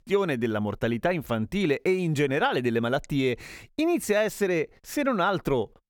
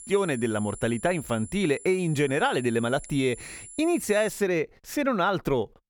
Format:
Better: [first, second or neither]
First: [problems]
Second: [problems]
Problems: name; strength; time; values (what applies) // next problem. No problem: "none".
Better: first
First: none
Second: high-pitched whine; noticeable; until 4.5 s; 10 kHz, 15 dB below the speech